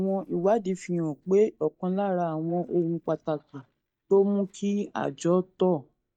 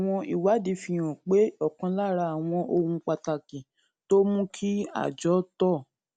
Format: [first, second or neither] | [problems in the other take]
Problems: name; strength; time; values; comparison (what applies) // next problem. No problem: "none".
second | noise reduction (neural mask model DeepFilterNet 3)